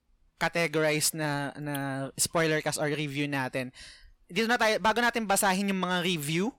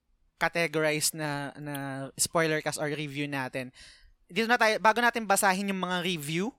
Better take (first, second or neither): second